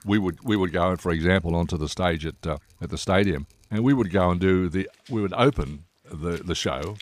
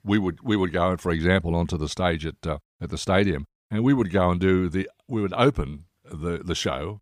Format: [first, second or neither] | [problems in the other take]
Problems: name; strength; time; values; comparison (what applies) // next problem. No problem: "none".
second | rain or running water; faint; throughout; 30 dB below the speech